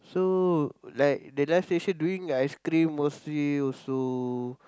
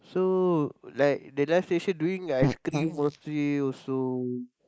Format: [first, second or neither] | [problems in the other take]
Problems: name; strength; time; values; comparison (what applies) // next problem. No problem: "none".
first | noise reduction (neural mask model Resemble Enhance denoiser)